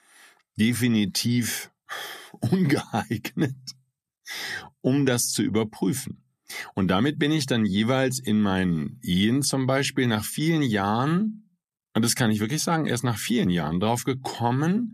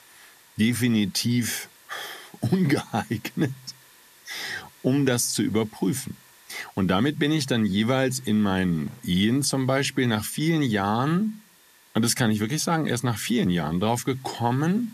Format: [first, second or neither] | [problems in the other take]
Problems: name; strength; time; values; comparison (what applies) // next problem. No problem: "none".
first | hiss; faint; throughout; 25 dB below the speech